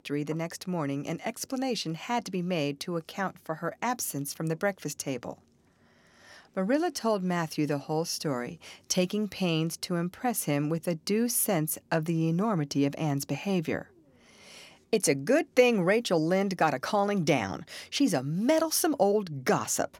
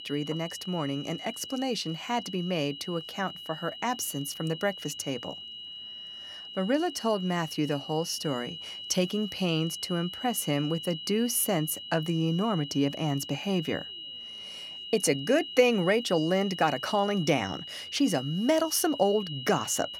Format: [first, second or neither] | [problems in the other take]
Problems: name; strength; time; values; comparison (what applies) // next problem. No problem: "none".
first | high-pitched whine; loud; throughout; 3 kHz, 10 dB below the speech